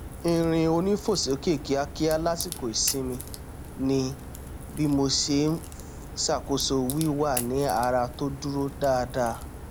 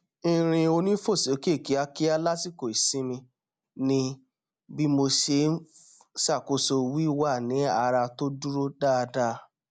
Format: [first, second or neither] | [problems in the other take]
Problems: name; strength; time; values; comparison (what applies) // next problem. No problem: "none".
second | background sound (Crack); 11 dB below the speech